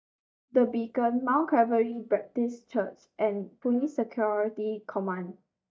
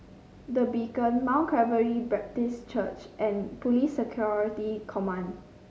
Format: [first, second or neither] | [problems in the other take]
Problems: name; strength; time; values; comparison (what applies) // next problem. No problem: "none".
second | noise reduction (neural mask model DeepFilterNet 3)